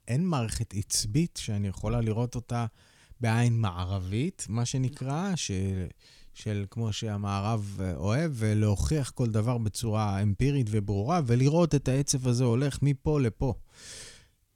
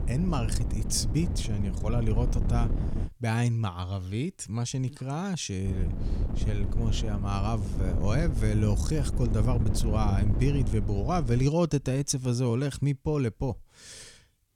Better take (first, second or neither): first